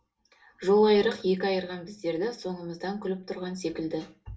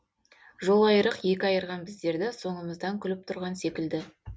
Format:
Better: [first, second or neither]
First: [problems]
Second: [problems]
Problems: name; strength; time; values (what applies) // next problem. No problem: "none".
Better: second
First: room echo; dies away in 0.3 s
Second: none